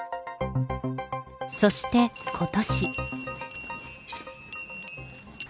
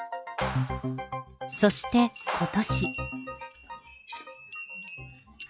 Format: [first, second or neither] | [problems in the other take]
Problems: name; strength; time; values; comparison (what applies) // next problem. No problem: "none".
first | noise reduction (classical method log-MMSE)